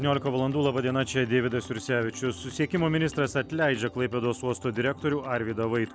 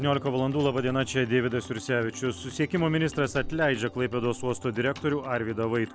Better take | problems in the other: first | background sound (Slam); 19 dB below the speech

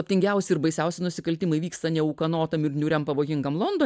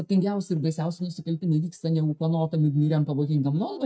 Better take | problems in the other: first | noise reduction (neural mask model DeepFilterNet 3)

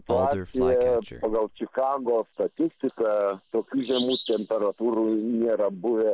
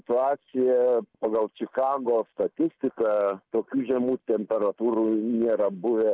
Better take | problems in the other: second | background sound (Bird vocalization, bird call, bird song); 13 dB below the speech

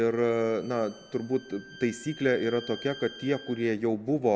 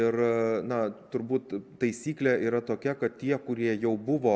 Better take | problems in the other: second | background sound (Bowed string instrument); 20 dB below the speech

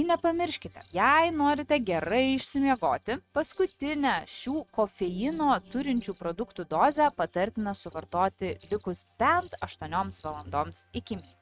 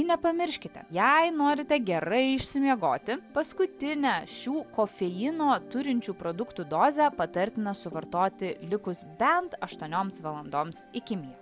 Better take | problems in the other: second | noise reduction (neural mask model RNNoise)

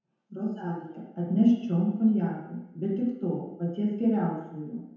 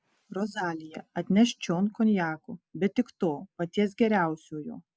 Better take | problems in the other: second | room echo; dies away in 0.9 s

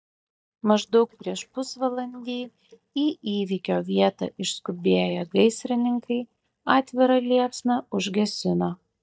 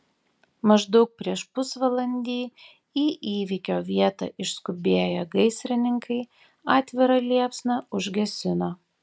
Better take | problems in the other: second | noise reduction (neural mask model DeepFilterNet 3)

